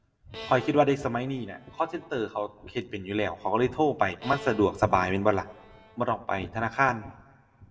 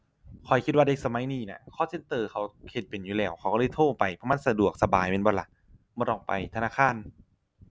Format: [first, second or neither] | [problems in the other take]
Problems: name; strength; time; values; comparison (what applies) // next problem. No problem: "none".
second | background sound (Bowed string instrument); 19 dB below the speech // room echo; dies away in 0.9 s